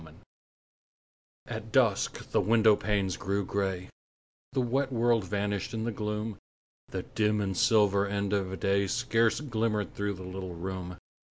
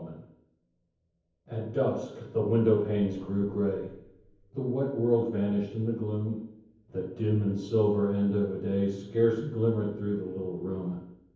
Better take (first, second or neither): first